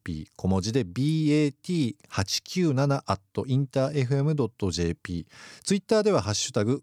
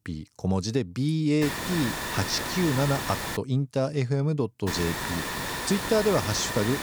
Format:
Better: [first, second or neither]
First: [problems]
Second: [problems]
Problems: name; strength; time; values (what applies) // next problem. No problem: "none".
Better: first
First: none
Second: hiss; loud; from 1.5 to 3.5 s and from 4.5 s on; 4 dB below the speech